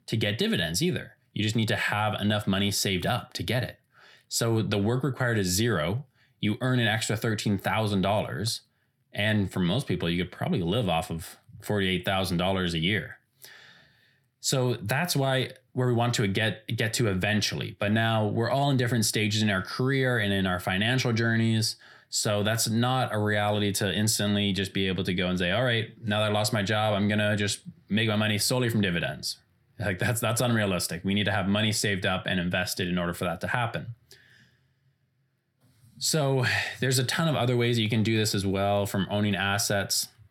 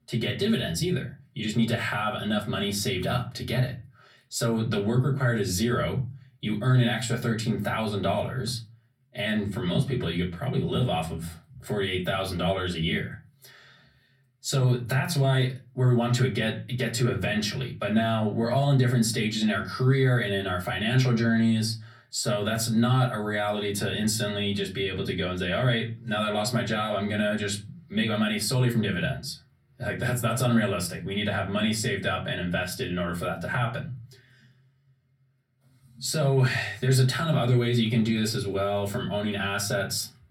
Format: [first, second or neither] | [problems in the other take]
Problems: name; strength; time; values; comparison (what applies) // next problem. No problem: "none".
first | off-mic speech; far // room echo; very slight; dies away in 0.3 s